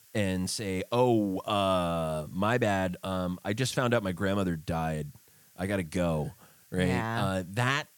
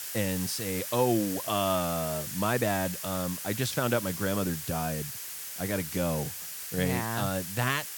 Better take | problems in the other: first | hiss; loud; throughout; 5 dB below the speech; faint in the first

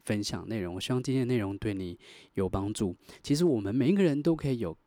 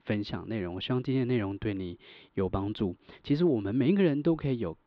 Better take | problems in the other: first | muffled; slightly; fading above 3.5 kHz

